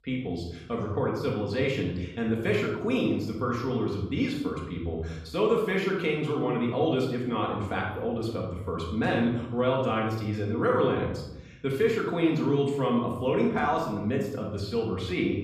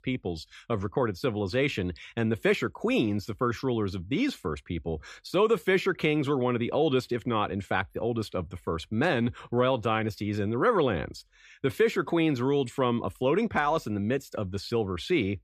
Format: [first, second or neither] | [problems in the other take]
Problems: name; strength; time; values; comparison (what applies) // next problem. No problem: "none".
second | room echo; noticeable; dies away in 0.9 s // off-mic speech; far